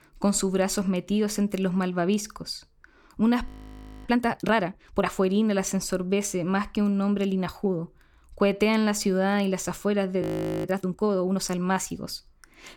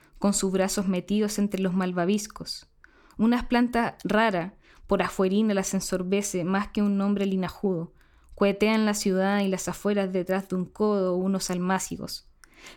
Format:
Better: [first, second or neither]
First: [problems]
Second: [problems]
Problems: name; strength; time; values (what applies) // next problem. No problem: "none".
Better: second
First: audio freezing; at 3.5 s for 0.5 s and at 10 s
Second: none